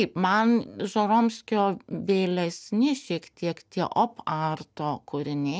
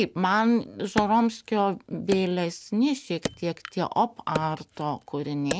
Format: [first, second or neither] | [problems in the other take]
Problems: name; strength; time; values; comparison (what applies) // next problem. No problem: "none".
first | background sound (Wood); 12 dB below the speech